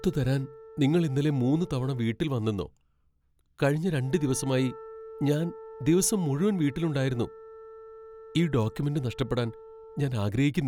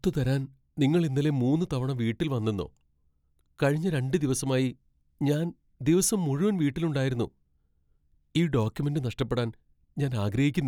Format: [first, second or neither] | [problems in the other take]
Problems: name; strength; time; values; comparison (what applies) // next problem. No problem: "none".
second | background sound (Wind instrument, woodwind instrument); 19 dB below the speech